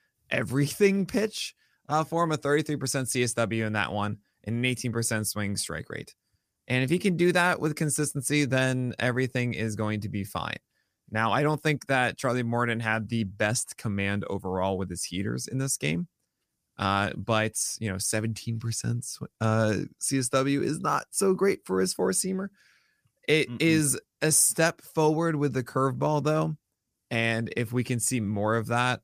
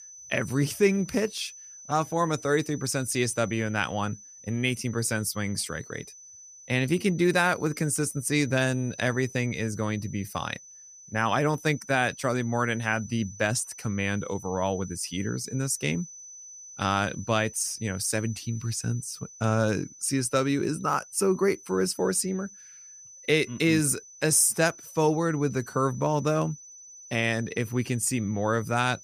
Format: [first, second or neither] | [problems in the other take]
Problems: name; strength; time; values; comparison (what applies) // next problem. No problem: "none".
first | high-pitched whine; noticeable; throughout; 6 kHz, 15 dB below the speech